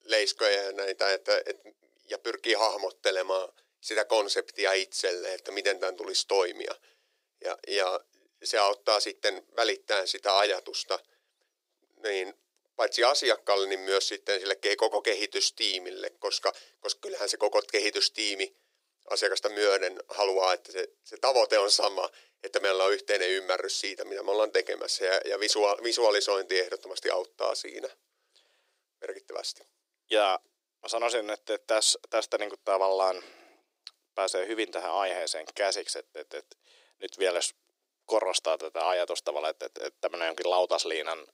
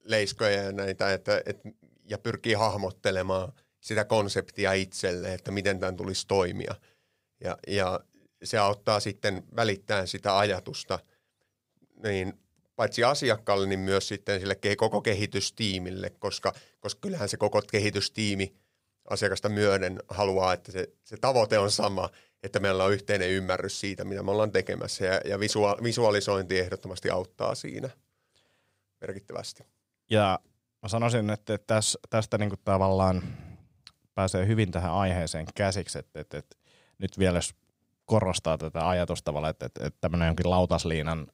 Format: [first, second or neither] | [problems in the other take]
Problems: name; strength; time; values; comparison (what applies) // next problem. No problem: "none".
second | thin; very; fading below 350 Hz